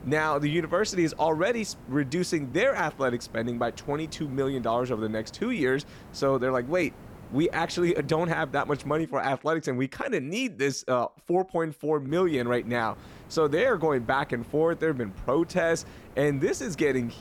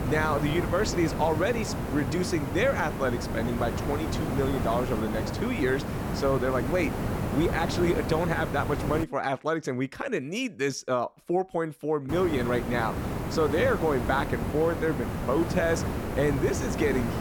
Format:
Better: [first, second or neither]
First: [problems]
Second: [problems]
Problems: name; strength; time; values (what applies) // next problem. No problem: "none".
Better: first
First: hiss; faint; until 9 s and from 12 s on; 20 dB below the speech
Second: hiss; loud; until 9 s and from 12 s on; 3 dB below the speech